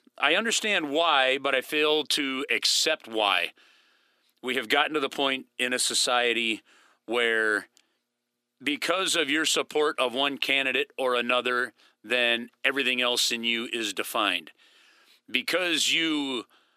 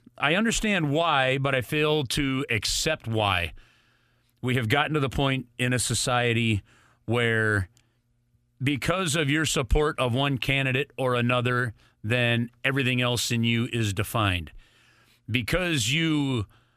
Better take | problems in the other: second | thin; somewhat; fading below 300 Hz

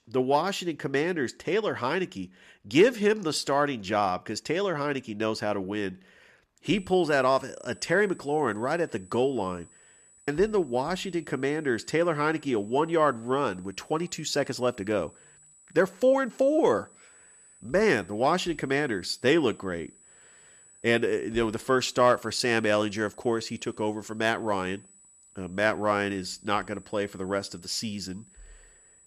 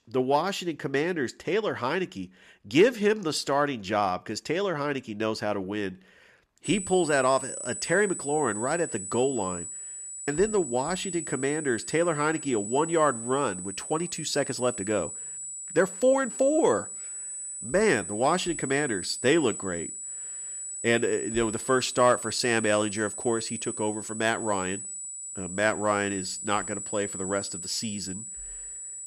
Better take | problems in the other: first | high-pitched whine; loud; from 6.5 s on; 8 kHz, 7 dB below the speech; faint in the first

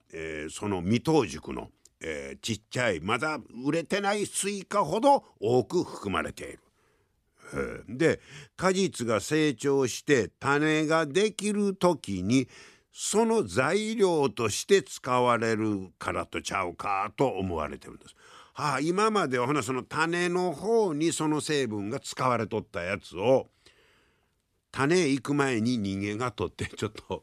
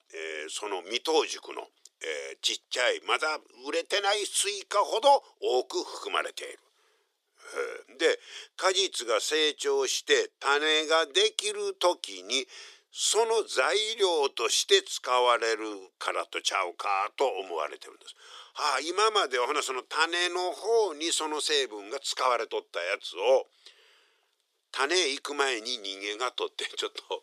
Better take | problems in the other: first | thin; very; fading below 400 Hz

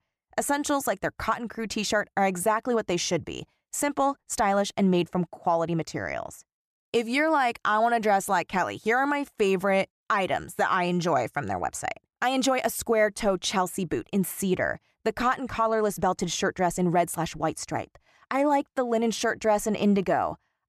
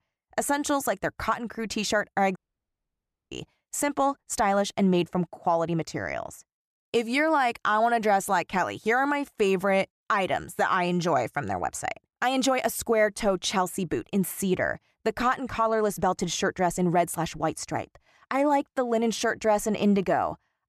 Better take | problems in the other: first | audio cutting out; at 2.5 s for 1 s

